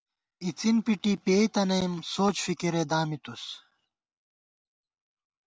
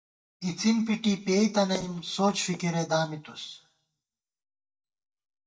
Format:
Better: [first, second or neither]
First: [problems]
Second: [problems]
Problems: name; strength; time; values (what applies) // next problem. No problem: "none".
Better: first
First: none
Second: noise reduction (neural mask model DeepFilterNet 3)